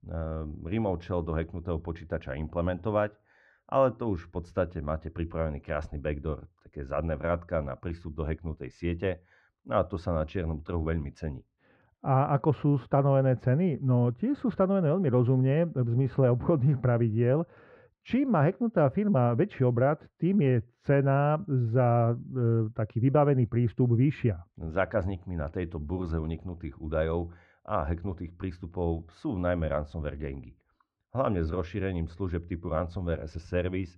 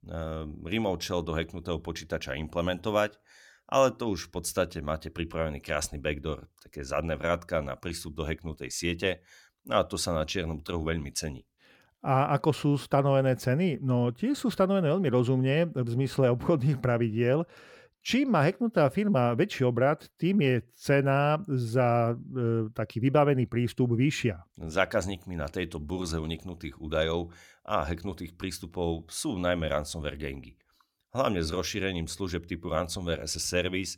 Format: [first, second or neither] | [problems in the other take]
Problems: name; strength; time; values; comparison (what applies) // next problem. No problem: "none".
second | muffled; very; fading above 1.5 kHz